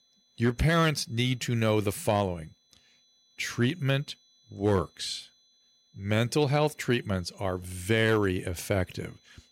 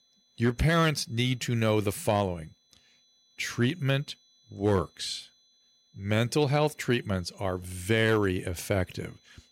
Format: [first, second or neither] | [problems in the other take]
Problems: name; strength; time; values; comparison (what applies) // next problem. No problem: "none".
neither | high-pitched whine; faint; throughout; 4 kHz, 35 dB below the speech; the same in both